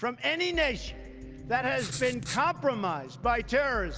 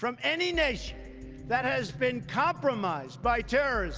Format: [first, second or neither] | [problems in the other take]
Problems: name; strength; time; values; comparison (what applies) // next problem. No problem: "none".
second | background sound (Writing); 11 dB below the speech